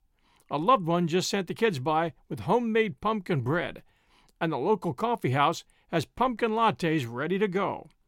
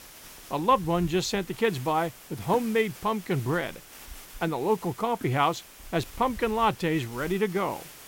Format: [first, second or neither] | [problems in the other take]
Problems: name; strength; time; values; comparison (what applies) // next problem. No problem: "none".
first | hiss; noticeable; throughout; 15 dB below the speech